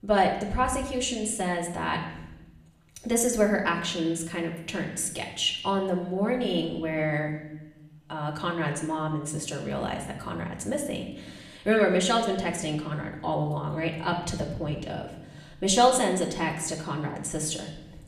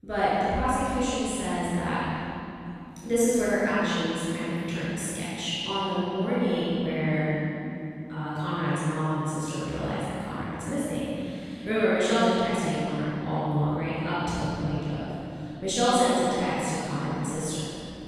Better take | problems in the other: first | room echo; strong; dies away in 3 s; slight in the first // off-mic speech; far; far in the first

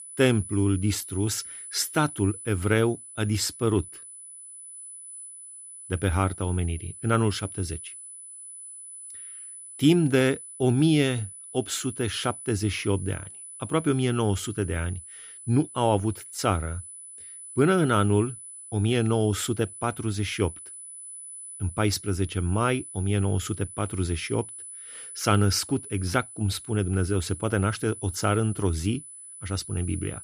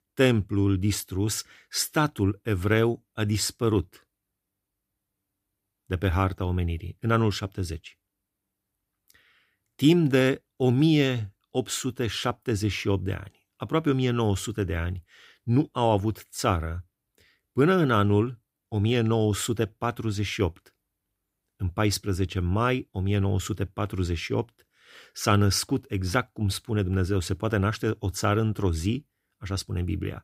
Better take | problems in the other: second | high-pitched whine; noticeable; throughout; 10 kHz, 15 dB below the speech

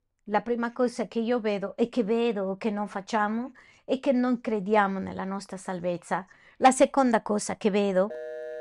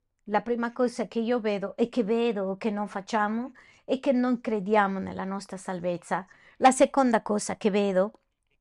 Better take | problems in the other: second | phone ringing; faint; at 8 s; peak 10 dB below the speech

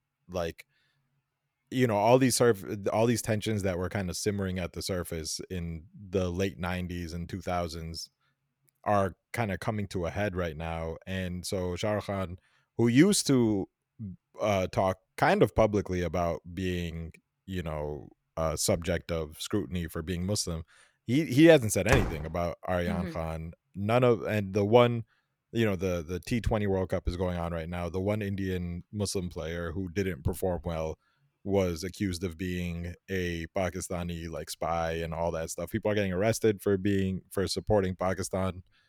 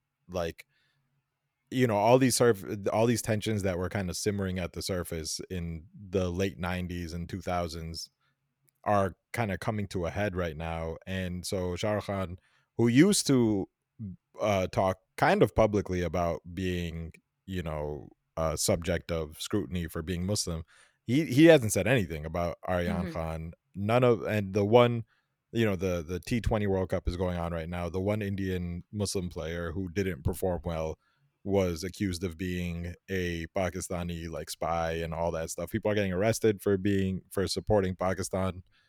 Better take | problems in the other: second | door banging; noticeable; at 22 s; peak 1 dB below the speech

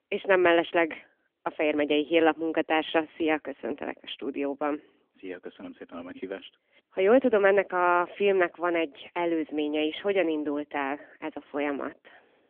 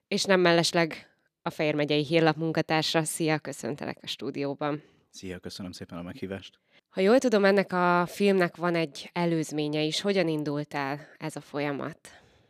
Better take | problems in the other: second | phone-call audio; nothing above 3.5 kHz

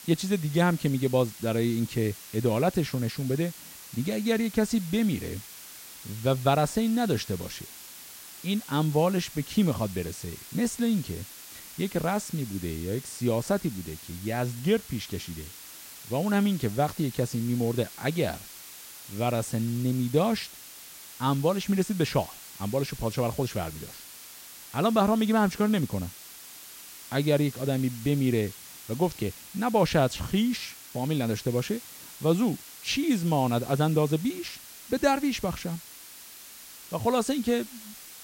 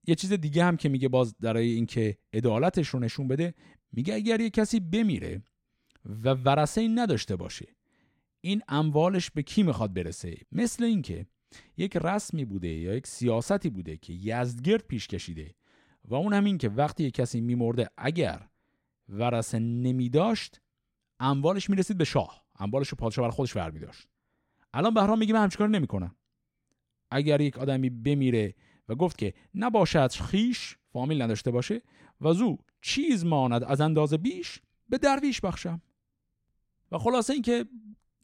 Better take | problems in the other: second | hiss; noticeable; throughout; 15 dB below the speech

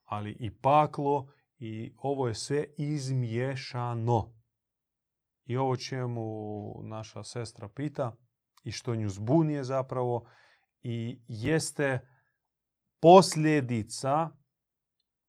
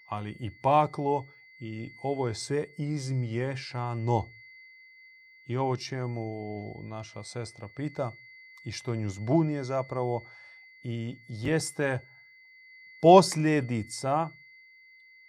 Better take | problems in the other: first | high-pitched whine; faint; throughout; 2 kHz, 20 dB below the speech

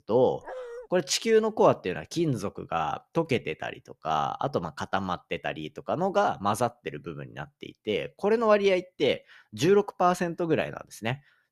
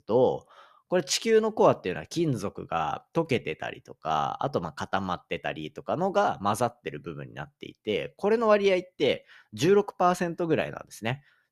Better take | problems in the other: second | dog barking; faint; at 0.5 s; peak 10 dB below the speech

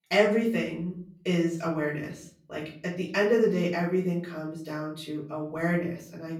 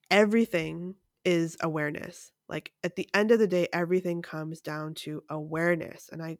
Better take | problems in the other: second | off-mic speech; far // room echo; slight; dies away in 0.5 s

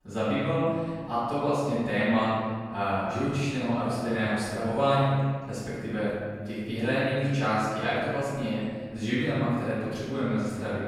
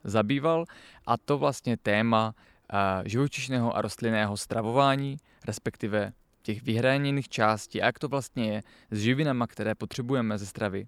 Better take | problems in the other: second | off-mic speech; far // room echo; strong; dies away in 1.6 s

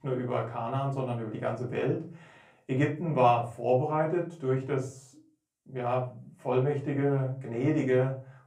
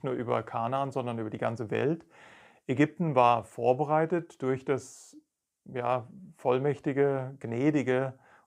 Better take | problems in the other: second | off-mic speech; far // room echo; very slight; dies away in 0.3 s

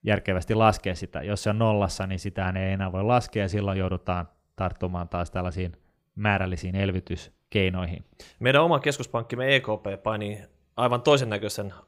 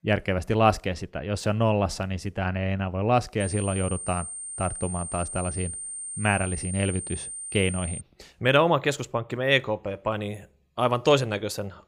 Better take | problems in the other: first | high-pitched whine; loud; from 3.5 to 8 s; 9 kHz, 7 dB below the speech

